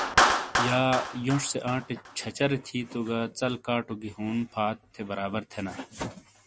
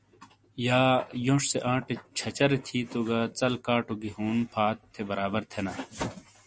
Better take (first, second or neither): second